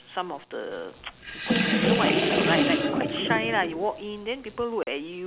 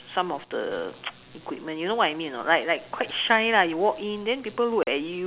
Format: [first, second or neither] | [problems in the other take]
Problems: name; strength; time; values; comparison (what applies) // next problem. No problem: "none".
second | background sound (Sink (filling or washing) / Water); 4 dB above the speech